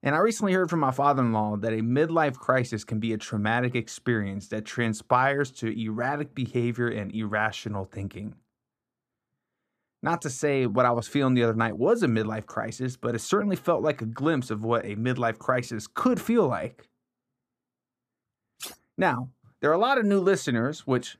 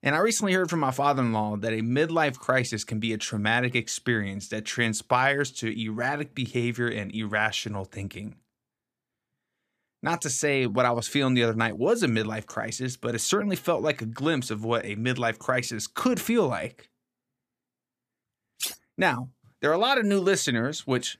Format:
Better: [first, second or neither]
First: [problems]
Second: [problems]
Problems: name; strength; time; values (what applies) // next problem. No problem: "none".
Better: second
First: muffled; slightly; fading above 1.5 kHz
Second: none